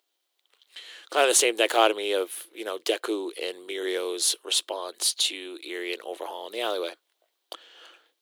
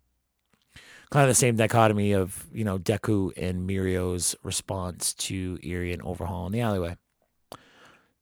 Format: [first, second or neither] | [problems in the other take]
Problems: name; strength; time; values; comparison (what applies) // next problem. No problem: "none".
second | thin; very; fading below 350 Hz